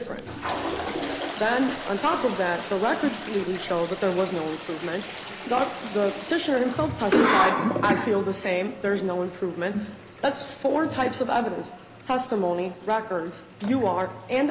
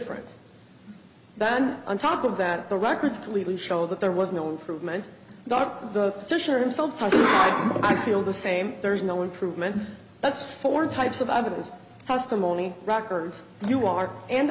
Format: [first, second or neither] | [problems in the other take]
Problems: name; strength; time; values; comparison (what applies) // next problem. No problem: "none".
second | background sound (Toilet flush); 12 dB below the speech